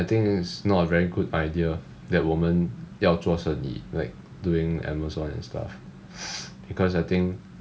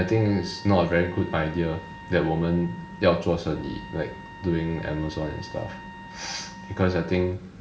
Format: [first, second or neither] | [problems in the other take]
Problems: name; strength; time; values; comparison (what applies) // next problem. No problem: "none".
first | background sound (Trumpet); 18 dB below the speech // room echo; dies away in 1.6 s